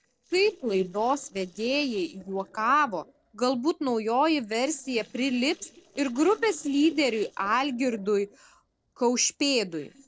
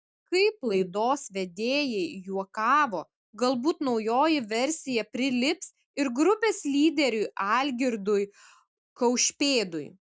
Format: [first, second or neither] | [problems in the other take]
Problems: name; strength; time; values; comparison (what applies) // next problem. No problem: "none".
second | noise reduction (neural separator model SepFormer DNS4)